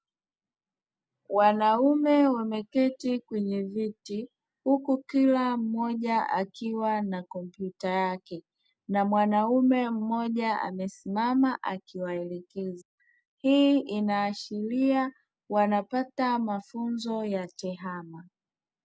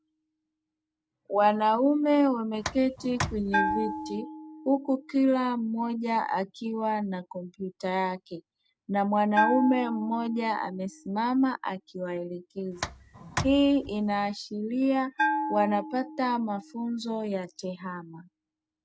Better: first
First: none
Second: background sound (Bell + Tick); 9 dB below the speech

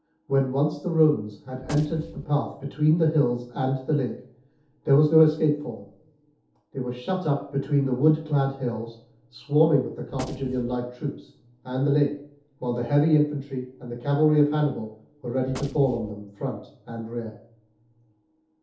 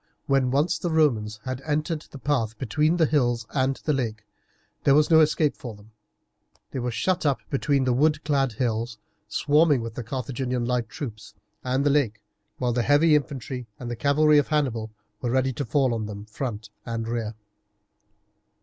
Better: second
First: background sound (Gunshot, gunfire); 13 dB below the speech // room echo; dies away in 0.5 s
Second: none

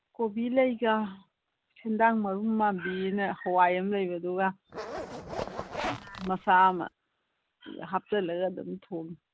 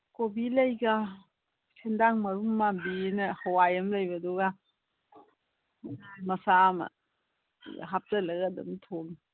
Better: second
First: background sound (Zipper (clothing)); 9 dB below the speech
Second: none

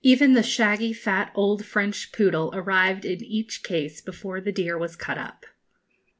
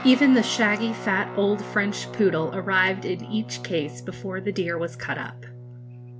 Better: first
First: none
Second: background sound (Guitar); 12 dB below the speech

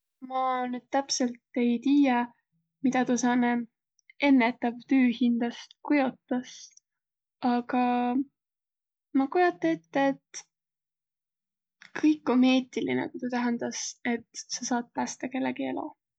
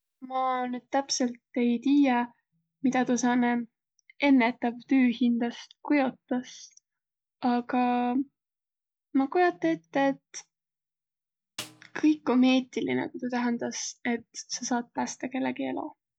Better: first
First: none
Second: background sound (Snare drum); 20 dB below the speech

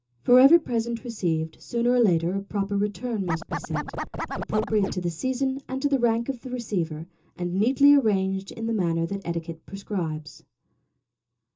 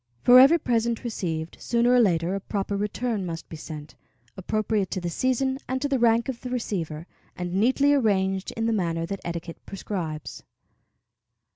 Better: second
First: background sound (Scratching (performance technique)); 6 dB below the speech // room echo; dies away in 0.2 s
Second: none

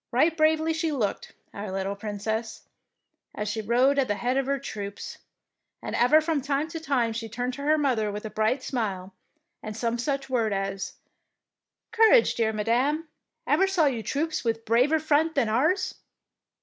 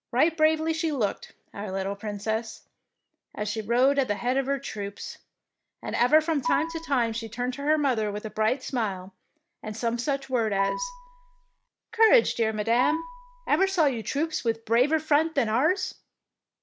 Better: first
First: none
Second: background sound (Marimba, xylophone); 9 dB below the speech

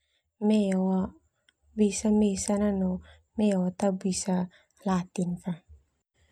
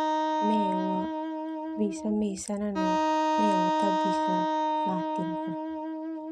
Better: first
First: none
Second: noise reduction (neural mask model RNNoise)

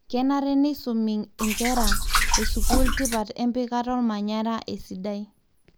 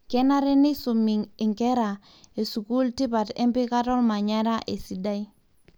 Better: second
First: background sound (Liquid); 4 dB above the speech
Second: none

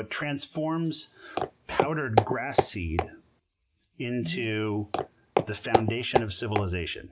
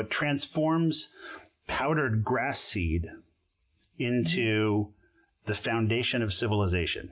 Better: second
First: background sound (Walk, footsteps); 2 dB above the speech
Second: none

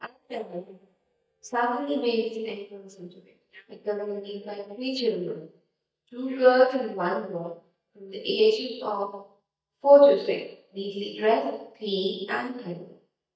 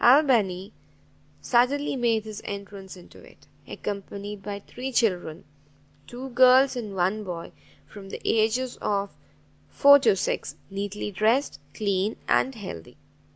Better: second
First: noise reduction (neural mask model DeepFilterNet 3)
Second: none

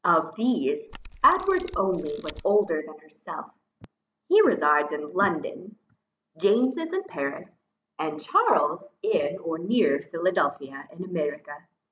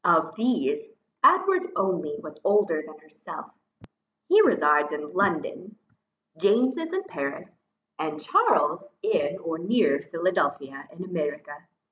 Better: second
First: background sound (Camera); 18 dB below the speech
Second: none

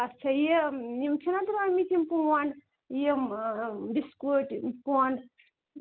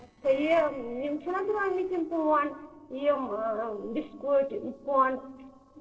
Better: first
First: none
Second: noise reduction (neural separator model SepFormer DNS4)

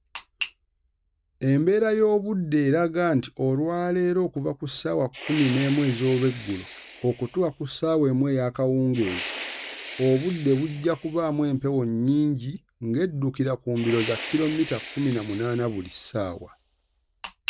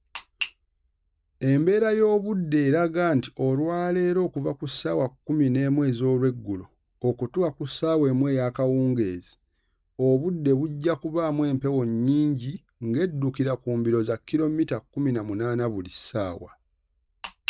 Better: second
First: background sound (Fire); 14 dB below the speech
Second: none

